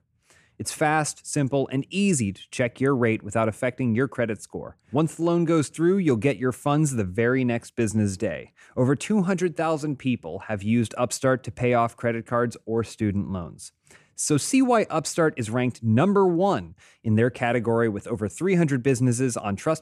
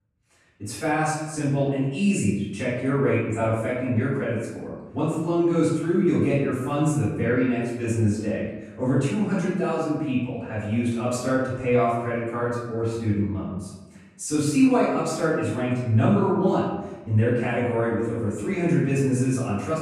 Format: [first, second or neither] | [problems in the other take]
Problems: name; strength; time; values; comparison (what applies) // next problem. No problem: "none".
first | off-mic speech; far // room echo; noticeable; dies away in 1 s